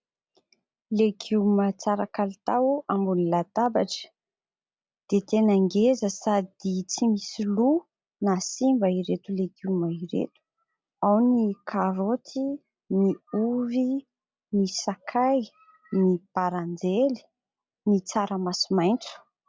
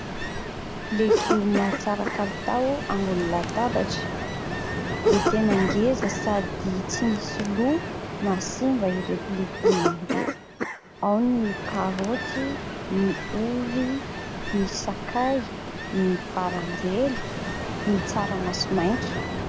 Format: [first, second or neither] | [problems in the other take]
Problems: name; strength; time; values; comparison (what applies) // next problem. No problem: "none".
first | background sound (Ocean + Cough); 2 dB below the speech